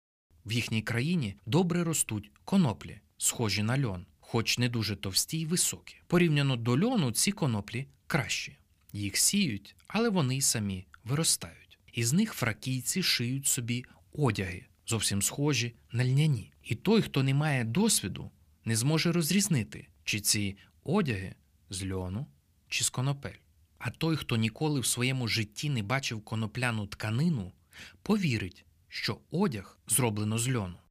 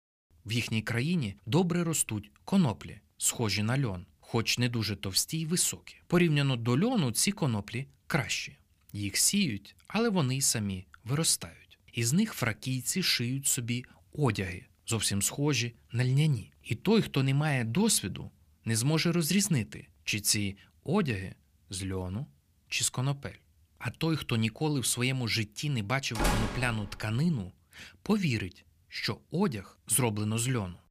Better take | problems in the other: first | door banging; noticeable; at 26 s; peak 1 dB below the speech

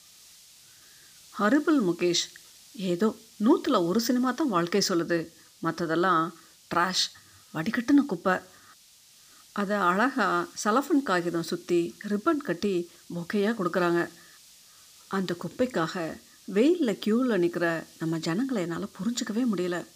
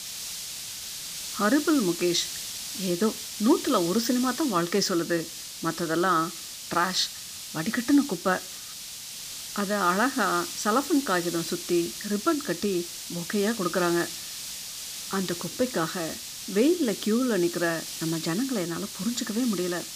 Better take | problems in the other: first | hiss; loud; throughout; 8 dB below the speech; faint in the first

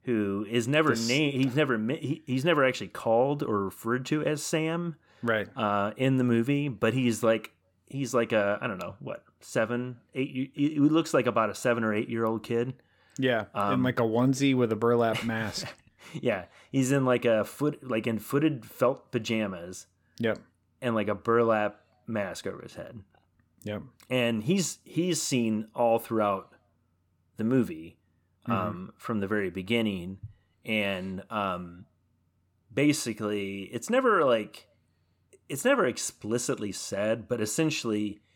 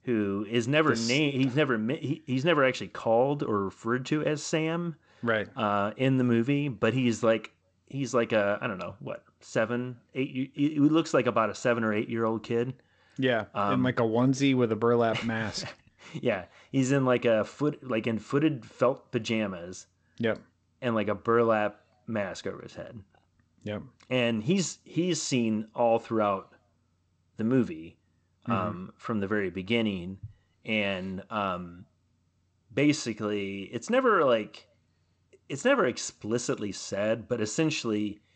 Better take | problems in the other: first | garbled, watery; slightly; nothing above 8 kHz

